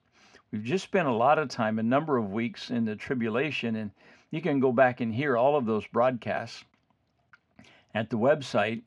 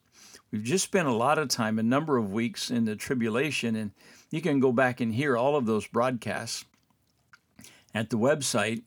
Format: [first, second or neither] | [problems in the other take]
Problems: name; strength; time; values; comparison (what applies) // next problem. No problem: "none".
second | muffled; slightly; fading above 3 kHz